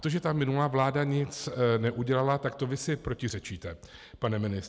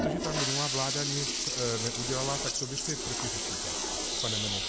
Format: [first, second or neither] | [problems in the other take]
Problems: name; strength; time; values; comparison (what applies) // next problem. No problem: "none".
first | background sound (Toilet flush); 4 dB above the speech